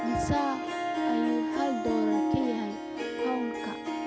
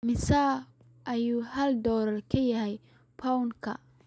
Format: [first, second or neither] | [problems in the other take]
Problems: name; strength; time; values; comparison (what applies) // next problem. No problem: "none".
second | background sound (Harp); 3 dB above the speech